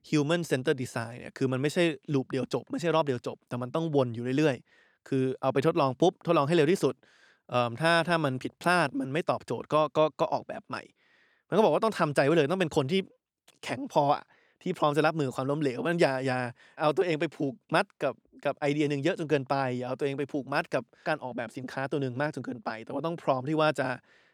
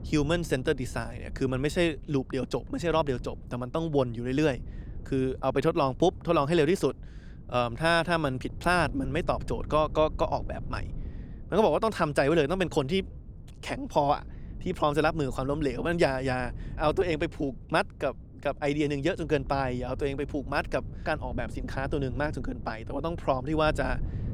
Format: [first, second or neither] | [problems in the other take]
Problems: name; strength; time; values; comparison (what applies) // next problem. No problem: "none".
first | wind noise on the microphone; occasional gusts; 25 dB below the speech